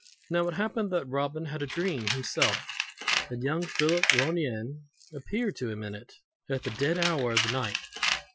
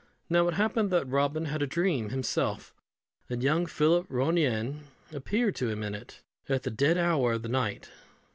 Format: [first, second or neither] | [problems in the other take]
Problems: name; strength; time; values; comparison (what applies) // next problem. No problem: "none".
second | noise reduction (classical method Wiener filter)